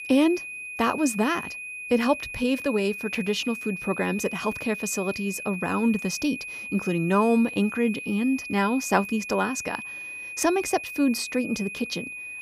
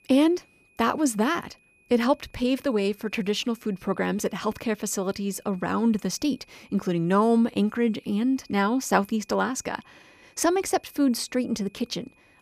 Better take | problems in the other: second | high-pitched whine; loud; throughout; 2.5 kHz, 8 dB below the speech; faint in the second

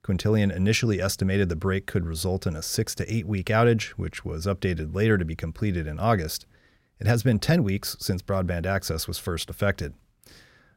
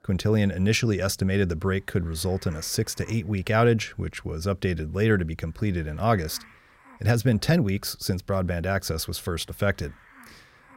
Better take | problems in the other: first | hiss; faint; throughout; 30 dB below the speech

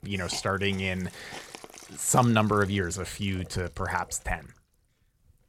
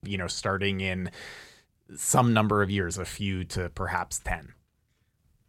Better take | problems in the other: second | hiss; noticeable; throughout; 15 dB below the speech

